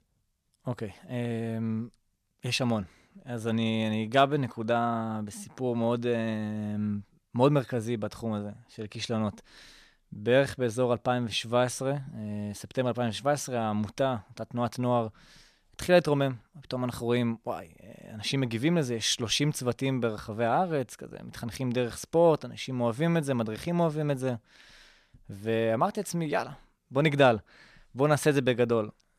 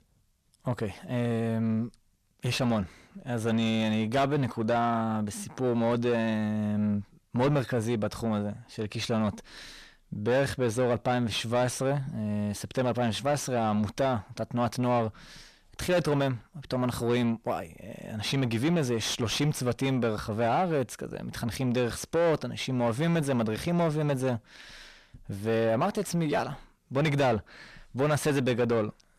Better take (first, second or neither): first